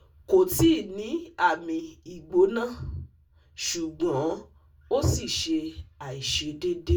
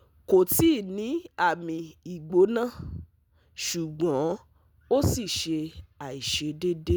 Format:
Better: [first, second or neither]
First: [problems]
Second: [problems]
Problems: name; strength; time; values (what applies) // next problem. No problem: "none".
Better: second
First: room echo; dies away in 0.2 s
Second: none